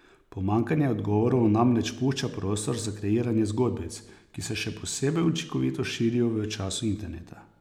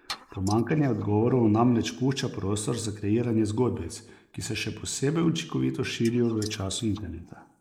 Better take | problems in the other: first | noise reduction (neural mask model Resemble Enhance denoiser)

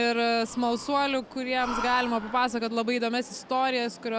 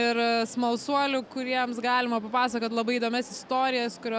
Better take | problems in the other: second | background sound (Breathing); 14 dB below the speech

